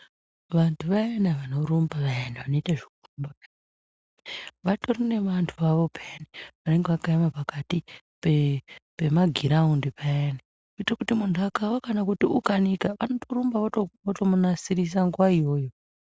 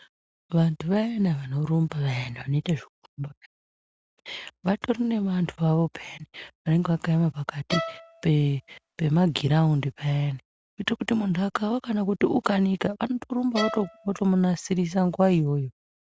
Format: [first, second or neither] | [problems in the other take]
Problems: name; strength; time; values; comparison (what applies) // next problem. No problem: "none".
first | background sound (Bowed string instrument); 11 dB below the speech